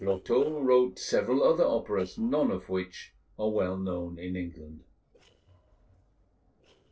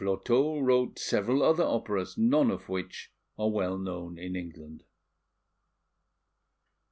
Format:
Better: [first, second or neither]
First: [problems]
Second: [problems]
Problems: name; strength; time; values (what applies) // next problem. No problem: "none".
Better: second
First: noise reduction (neural separator model SepFormer DNS4)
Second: none